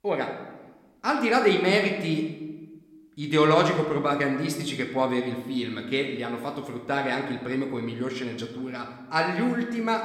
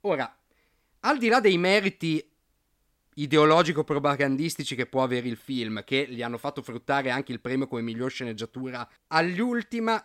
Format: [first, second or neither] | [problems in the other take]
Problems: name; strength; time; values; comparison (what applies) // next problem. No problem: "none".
second | room echo; slight; dies away in 0.9 s